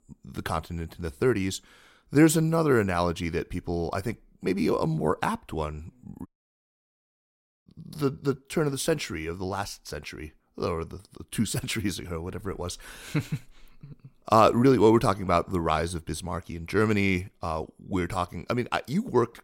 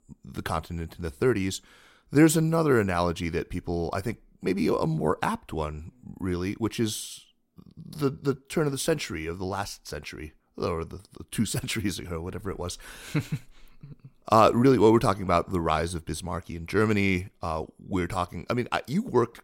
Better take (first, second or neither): second